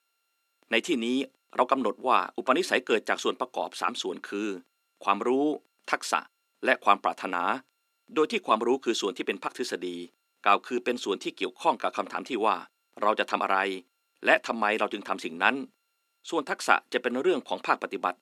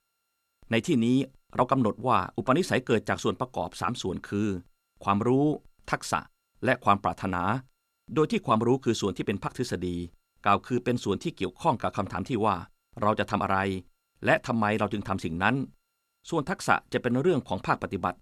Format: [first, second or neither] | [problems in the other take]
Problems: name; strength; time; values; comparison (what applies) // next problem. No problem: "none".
second | thin; somewhat; fading below 300 Hz